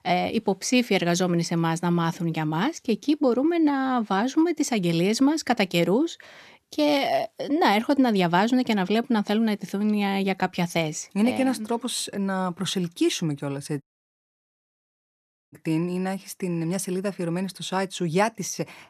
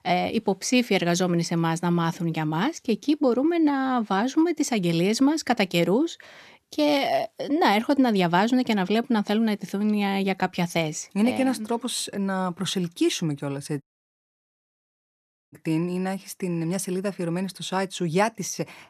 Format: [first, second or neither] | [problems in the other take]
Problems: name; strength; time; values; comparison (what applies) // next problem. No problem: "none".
neither | audio cutting out; at 14 s for 1.5 s; the same in both